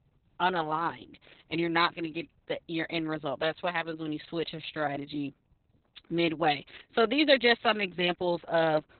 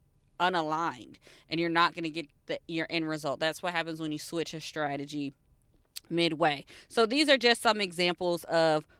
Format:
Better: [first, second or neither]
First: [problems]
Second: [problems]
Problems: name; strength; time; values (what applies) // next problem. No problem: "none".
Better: second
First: garbled, watery; badly; nothing above 4 kHz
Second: garbled, watery; slightly